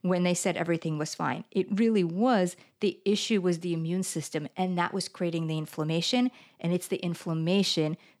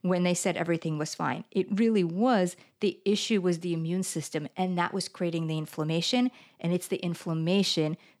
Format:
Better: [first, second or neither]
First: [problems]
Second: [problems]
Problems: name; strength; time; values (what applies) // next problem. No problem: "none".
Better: neither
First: none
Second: none